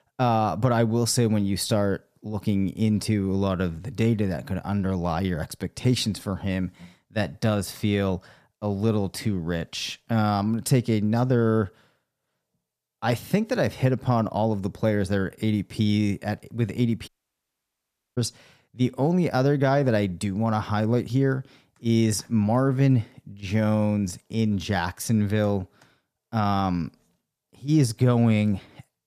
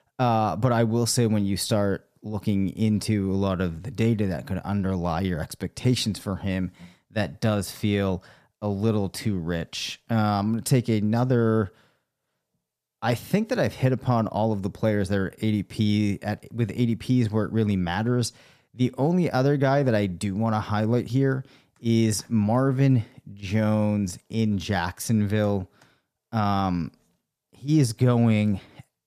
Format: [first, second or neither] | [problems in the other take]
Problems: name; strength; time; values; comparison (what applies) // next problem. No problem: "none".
second | audio cutting out; at 17 s for 1 s